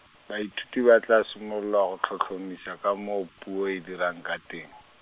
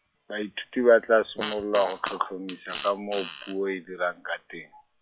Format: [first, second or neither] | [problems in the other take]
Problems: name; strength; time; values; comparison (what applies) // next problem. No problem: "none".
first | noise reduction (classical method log-MMSE)